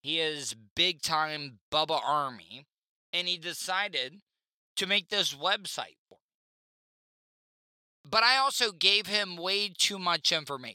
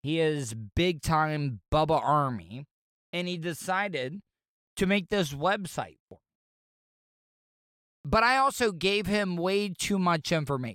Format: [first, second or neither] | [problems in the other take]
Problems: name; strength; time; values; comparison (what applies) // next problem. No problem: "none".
second | thin; somewhat; fading below 900 Hz